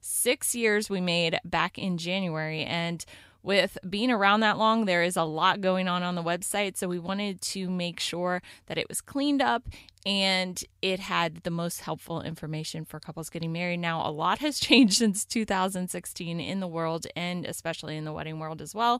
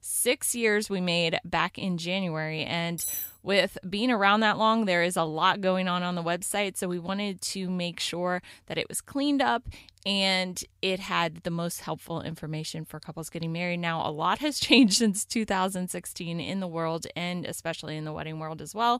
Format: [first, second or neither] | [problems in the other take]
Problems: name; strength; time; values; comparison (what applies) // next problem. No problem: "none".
first | clattering dishes; noticeable; at 3 s; peak 3 dB below the speech